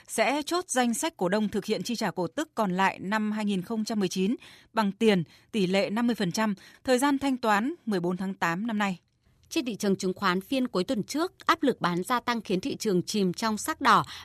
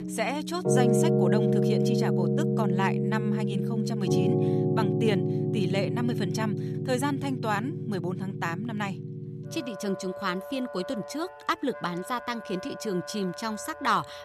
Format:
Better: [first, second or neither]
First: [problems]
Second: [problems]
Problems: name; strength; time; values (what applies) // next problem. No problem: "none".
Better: first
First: none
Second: background music; very loud; throughout; 4 dB above the speech